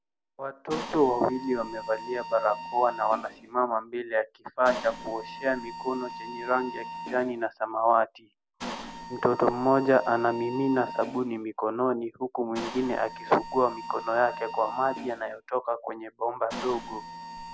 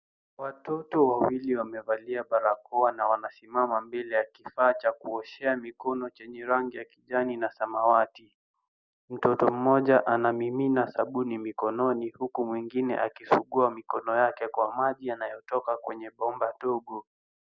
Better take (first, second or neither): second